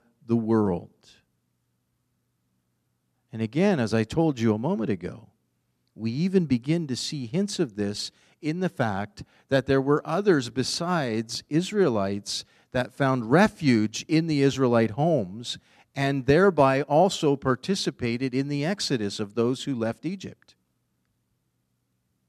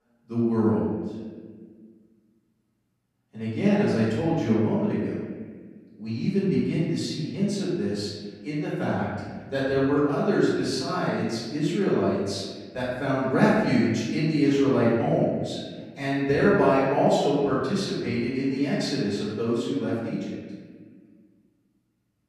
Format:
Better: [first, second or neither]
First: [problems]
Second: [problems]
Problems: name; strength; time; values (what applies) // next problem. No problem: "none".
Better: first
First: none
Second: off-mic speech; far // room echo; strong; dies away in 1.5 s